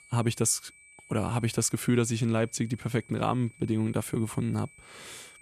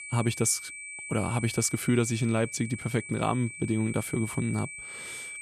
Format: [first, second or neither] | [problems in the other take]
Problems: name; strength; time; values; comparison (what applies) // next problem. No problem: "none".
first | high-pitched whine; loud; throughout; 2.5 kHz, 10 dB below the speech; faint in the first